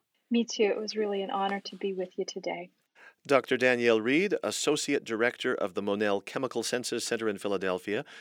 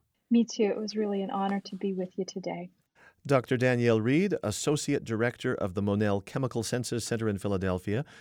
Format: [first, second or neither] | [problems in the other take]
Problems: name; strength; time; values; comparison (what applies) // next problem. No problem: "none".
second | thin; very slightly; fading below 350 Hz